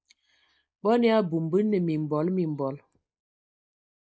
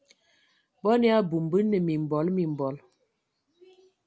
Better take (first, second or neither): second